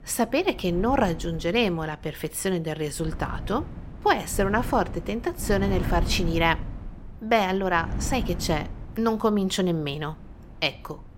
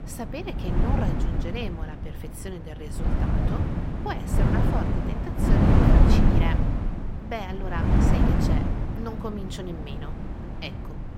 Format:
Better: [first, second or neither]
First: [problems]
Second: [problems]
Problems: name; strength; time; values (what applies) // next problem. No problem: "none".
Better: first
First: wind noise on the microphone; occasional gusts; 20 dB below the speech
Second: wind noise on the microphone; heavy; 4 dB above the speech